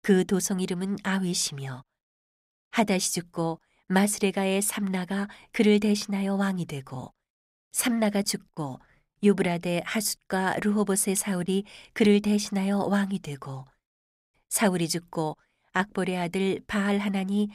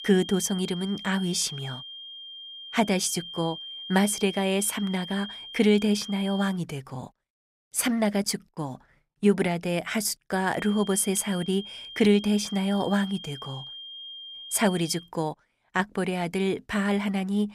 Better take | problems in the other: first | high-pitched whine; noticeable; until 6.5 s and from 11 to 15 s; 3 kHz, 10 dB below the speech

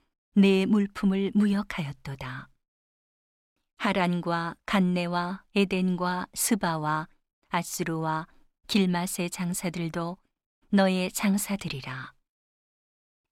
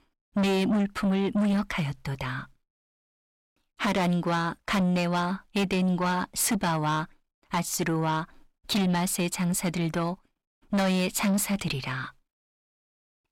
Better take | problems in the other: first | distortion; heavy; 7 dB below the speech

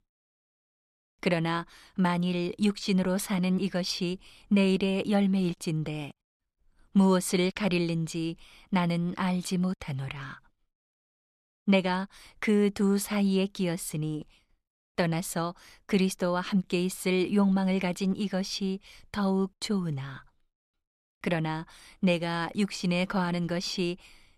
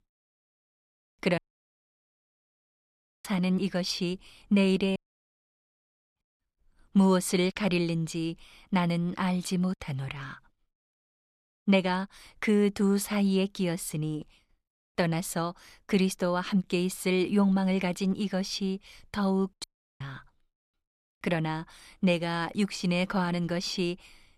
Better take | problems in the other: first | audio cutting out; at 1.5 s for 2 s, at 5 s for 1 s and at 20 s

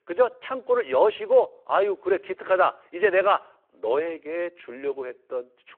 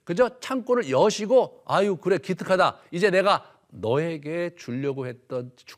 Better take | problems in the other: second | phone-call audio

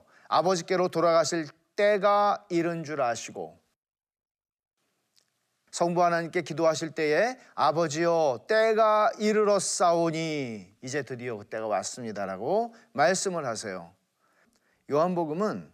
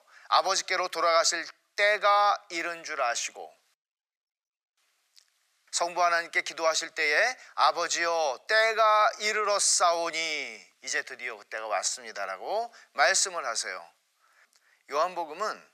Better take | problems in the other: first | thin; very; fading below 950 Hz

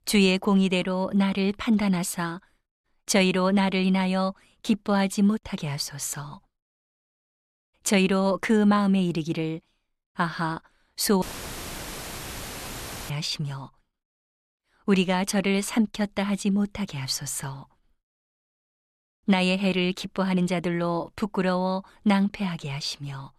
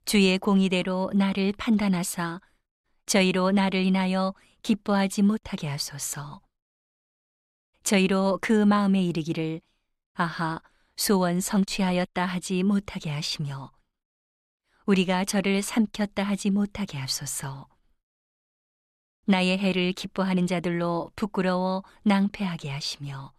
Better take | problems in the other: second | audio cutting out; filled with static; at 11 s for 2 s

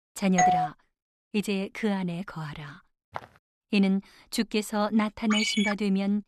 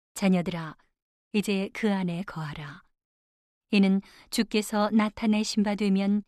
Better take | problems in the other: second | doorbell; loud; at 0.5 s; peak 5 dB above the speech // footsteps; faint; at 3 s; peak 15 dB below the speech // phone ringing; loud; at 5.5 s; peak 1 dB above the speech

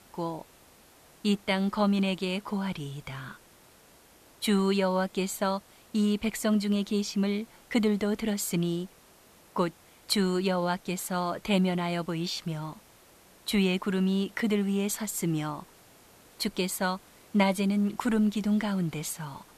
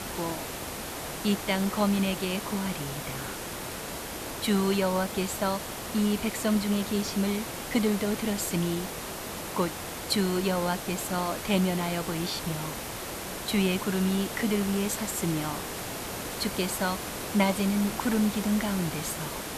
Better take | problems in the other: first | hiss; loud; throughout; 6 dB below the speech; faint in the first

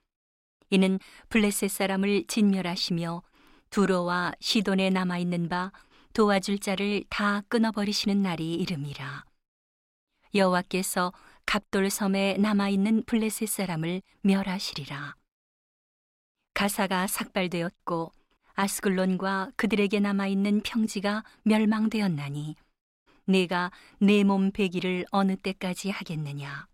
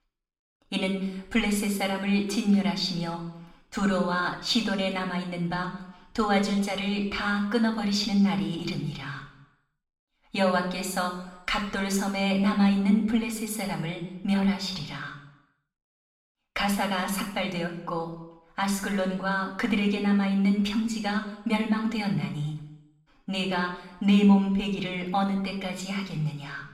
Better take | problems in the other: first | room echo; slight; dies away in 0.8 s // off-mic speech; somewhat distant

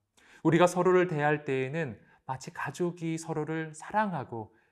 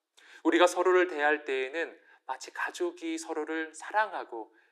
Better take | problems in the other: first | thin; very; fading below 300 Hz

